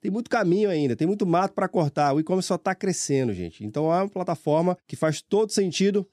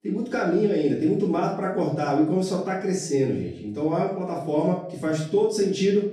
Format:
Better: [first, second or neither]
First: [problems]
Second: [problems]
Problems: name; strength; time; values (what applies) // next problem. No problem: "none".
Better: first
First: none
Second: room echo; noticeable; dies away in 0.5 s // off-mic speech; far